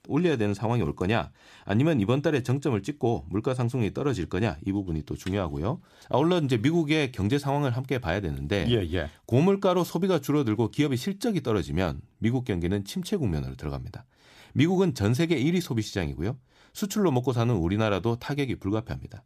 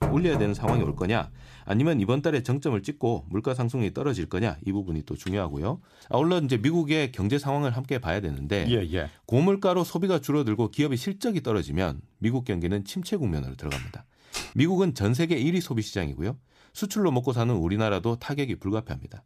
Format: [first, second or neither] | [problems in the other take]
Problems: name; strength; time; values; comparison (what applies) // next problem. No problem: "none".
first | door banging; noticeable; until 1 s; peak 1 dB below the speech // footsteps; noticeable; at 14 s; peak 9 dB below the speech